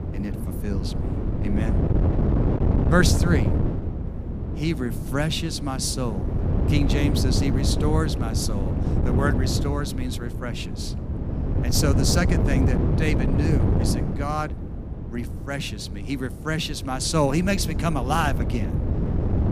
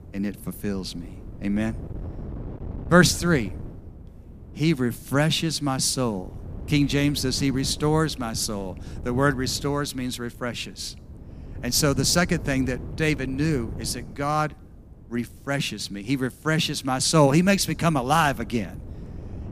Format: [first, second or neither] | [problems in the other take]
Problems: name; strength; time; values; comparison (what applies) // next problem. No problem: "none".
second | wind noise on the microphone; heavy; 5 dB below the speech; occasional gusts in the second